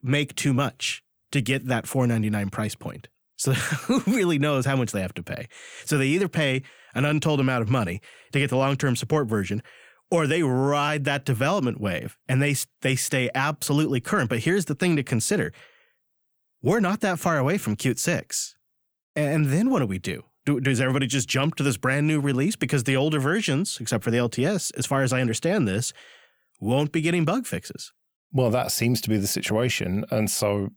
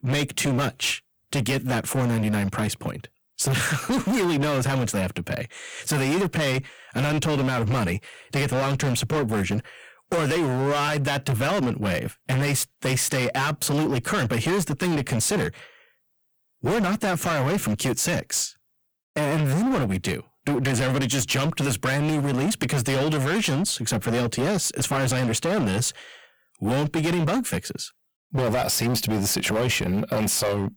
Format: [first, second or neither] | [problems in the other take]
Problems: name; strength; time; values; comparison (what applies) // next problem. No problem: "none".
first | distortion; heavy; 25% of the sound clipped